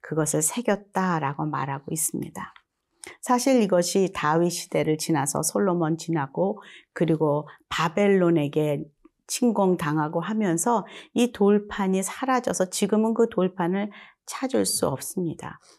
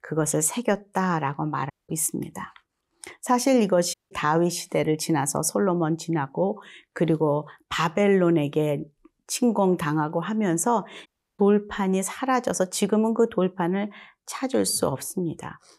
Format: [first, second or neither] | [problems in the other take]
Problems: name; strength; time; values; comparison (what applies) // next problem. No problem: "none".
first | audio cutting out; at 1.5 s, at 4 s and at 11 s